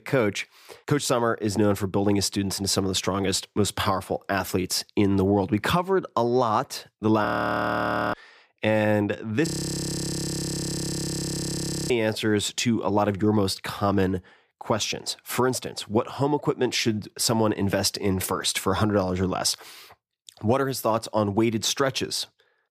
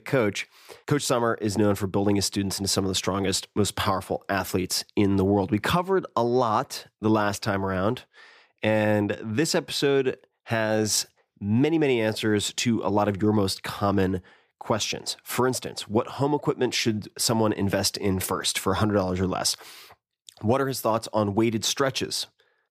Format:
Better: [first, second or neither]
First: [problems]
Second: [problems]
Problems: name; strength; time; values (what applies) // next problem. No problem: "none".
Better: second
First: audio freezing; at 7.5 s for 1 s and at 9.5 s for 2.5 s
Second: none